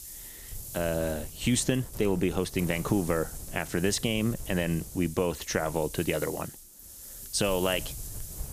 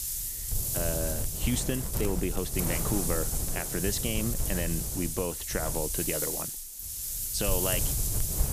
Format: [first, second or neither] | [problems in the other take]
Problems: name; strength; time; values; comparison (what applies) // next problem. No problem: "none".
first | wind noise on the microphone; heavy; as loud as the speech; occasional gusts in the first